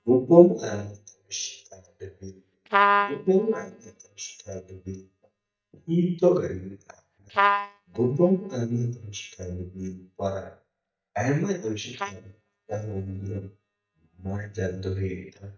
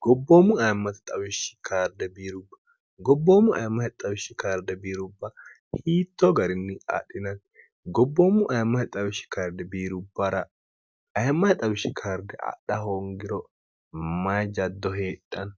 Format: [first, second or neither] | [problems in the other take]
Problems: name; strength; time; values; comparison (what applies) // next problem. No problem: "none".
second | noise reduction (neural mask model DeepFilterNet 3)